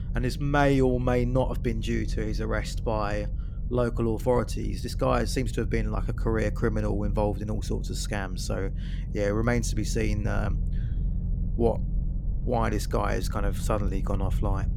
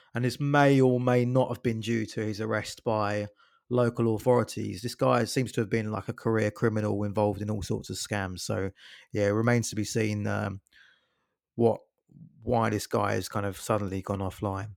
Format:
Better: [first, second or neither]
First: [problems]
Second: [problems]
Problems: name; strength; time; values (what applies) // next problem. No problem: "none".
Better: second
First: low rumble; noticeable; throughout; 15 dB below the speech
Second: none